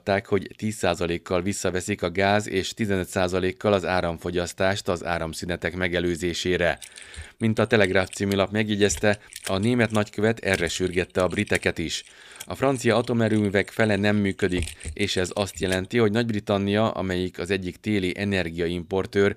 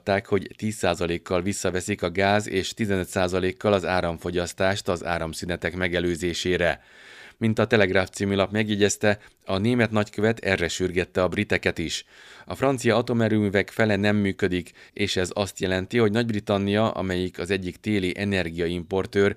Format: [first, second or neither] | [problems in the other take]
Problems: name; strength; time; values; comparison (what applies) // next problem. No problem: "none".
second | keyboard typing; noticeable; from 7 to 16 s; peak 9 dB below the speech